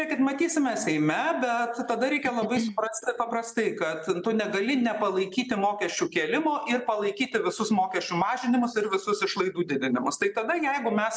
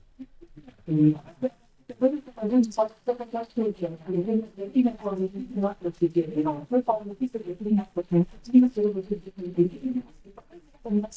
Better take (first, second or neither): first